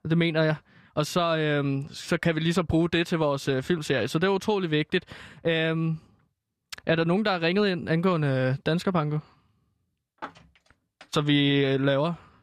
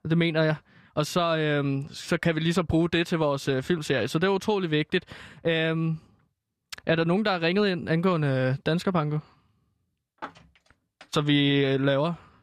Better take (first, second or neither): neither